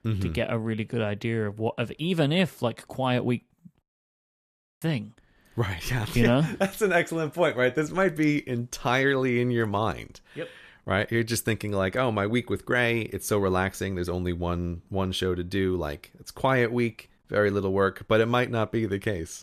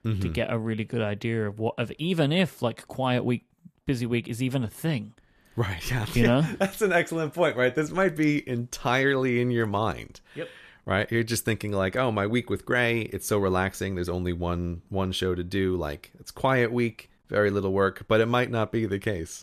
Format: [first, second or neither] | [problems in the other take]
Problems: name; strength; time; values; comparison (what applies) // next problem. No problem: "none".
second | audio cutting out; at 4 s for 1 s